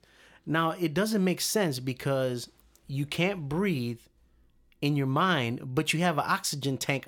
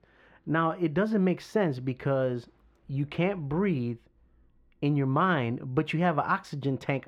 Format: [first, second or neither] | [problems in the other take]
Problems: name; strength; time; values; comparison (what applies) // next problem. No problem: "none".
first | muffled; very; fading above 4 kHz